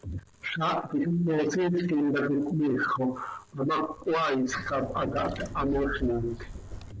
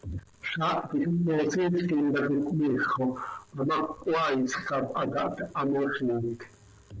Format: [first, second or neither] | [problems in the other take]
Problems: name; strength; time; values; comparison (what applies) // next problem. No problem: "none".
second | background sound (Trickle, dribble / Chirp, tweet); 10 dB below the speech